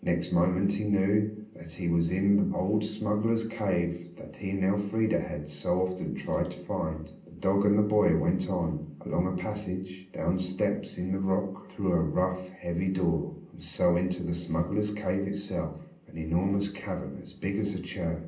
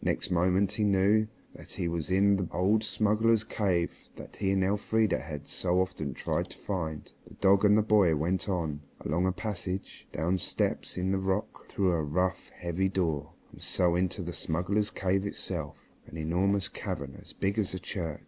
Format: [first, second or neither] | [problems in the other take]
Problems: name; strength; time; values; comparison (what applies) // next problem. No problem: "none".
second | room echo; dies away in 0.6 s